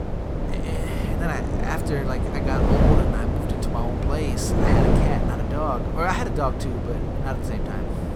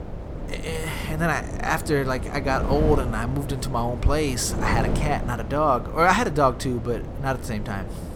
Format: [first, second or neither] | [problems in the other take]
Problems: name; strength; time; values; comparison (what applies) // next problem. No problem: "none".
second | wind noise on the microphone; heavy; as loud as the speech; occasional gusts in the second